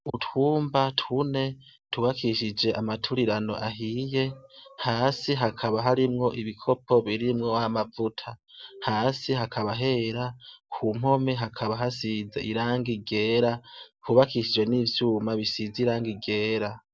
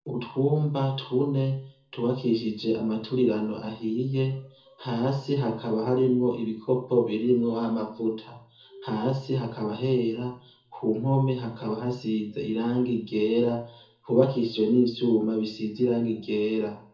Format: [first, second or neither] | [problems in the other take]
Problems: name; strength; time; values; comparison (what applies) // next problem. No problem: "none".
first | room echo; dies away in 0.6 s